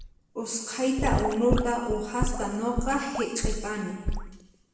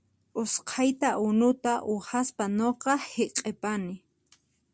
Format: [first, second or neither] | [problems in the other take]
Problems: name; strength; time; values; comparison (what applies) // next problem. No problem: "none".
second | background sound (Sink (filling or washing) / Gurgling / Liquid); 2 dB below the speech // room echo; dies away in 1.2 s